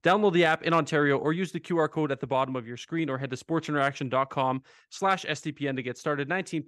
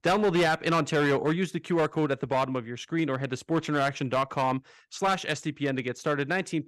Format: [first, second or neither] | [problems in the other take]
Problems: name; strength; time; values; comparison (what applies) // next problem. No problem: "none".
first | distortion; slight; 7% of the sound clipped